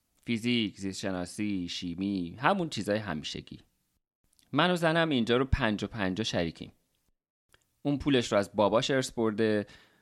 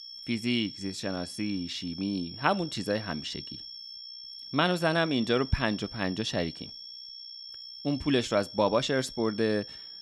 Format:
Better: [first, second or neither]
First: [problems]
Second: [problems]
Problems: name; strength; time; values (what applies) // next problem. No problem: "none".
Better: first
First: none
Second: high-pitched whine; noticeable; throughout; 5.5 kHz, 10 dB below the speech